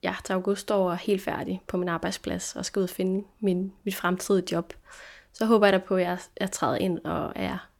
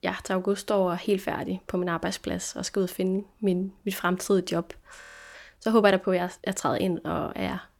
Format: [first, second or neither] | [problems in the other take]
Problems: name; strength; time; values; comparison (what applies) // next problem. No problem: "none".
first | audio freezing; at 5 s